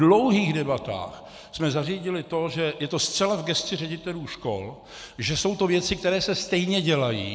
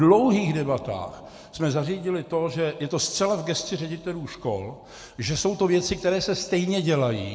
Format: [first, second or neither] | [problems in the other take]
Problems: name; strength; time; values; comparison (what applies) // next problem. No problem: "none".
first | room echo; dies away in 0.4 s